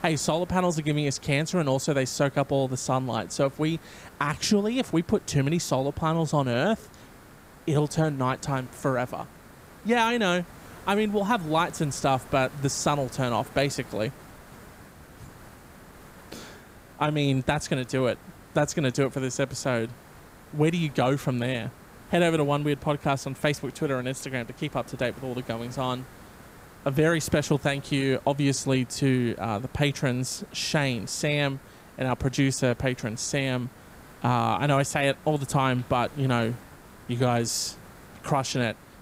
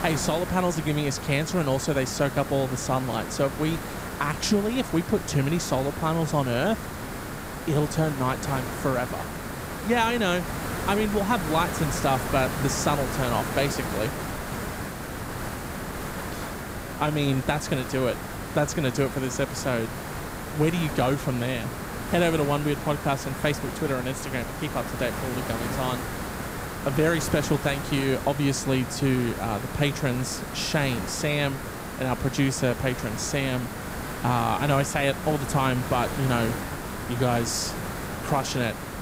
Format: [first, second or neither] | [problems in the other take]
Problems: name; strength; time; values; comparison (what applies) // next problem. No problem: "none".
first | hiss; loud; throughout; 6 dB below the speech; faint in the first